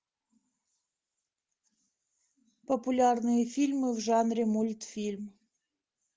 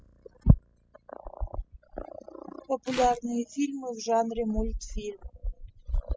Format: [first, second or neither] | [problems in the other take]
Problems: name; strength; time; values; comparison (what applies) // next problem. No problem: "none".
first | noise reduction (classical method spectral subtraction)